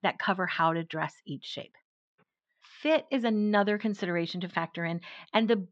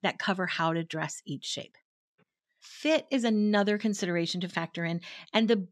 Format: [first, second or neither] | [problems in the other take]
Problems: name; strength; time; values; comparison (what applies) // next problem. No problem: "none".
second | muffled; slightly; fading above 4 kHz